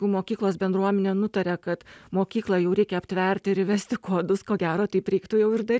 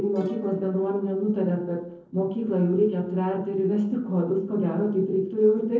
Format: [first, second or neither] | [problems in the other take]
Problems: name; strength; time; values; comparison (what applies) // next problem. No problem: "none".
first | noise reduction (neural separator model SepFormer DNS4)